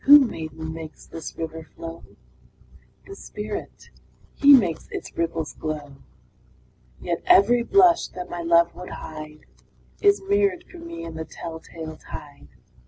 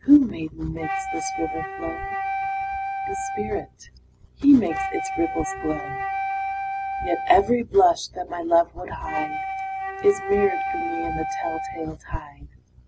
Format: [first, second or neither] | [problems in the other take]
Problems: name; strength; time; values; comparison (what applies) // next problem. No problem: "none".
first | background sound (Wind instrument, woodwind instrument); 5 dB below the speech